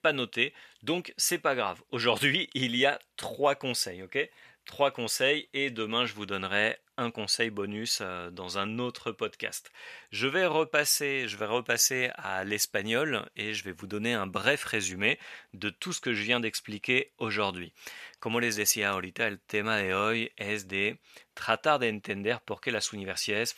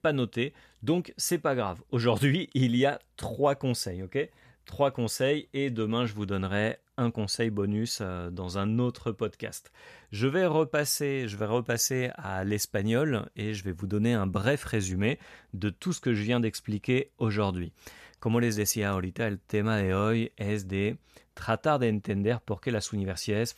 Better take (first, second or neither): second